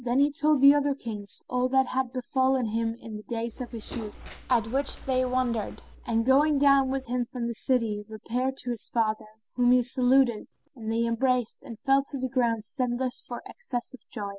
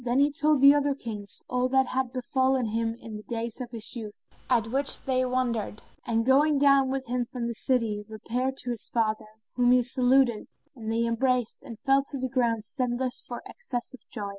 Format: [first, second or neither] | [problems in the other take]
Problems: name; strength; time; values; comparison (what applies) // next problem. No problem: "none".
second | background sound (Bird); 18 dB below the speech